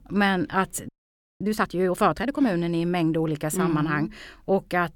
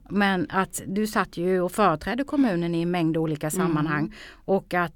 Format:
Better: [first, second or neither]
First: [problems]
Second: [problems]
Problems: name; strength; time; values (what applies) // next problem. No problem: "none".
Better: second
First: audio freezing; at 1 s for 0.5 s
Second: none